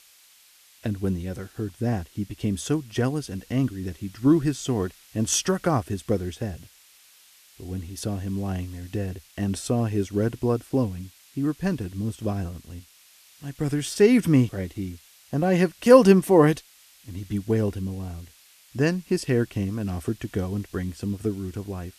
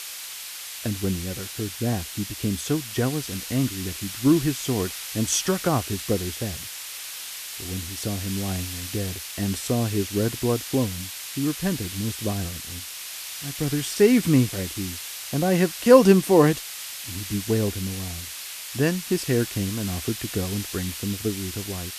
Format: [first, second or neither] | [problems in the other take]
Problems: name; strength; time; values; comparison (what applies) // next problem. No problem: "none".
first | hiss; loud; throughout; 8 dB below the speech; faint in the first